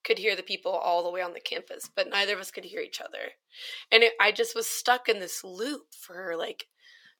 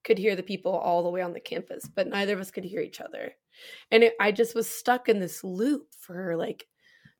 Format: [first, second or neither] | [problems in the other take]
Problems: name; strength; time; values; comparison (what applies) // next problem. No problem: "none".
second | thin; somewhat; fading below 500 Hz